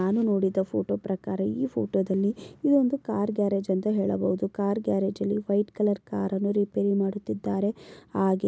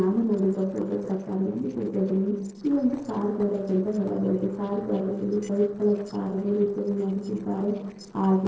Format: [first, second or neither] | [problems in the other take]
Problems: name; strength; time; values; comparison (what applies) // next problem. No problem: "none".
first | noise reduction (neural separator model SepFormer DNS4)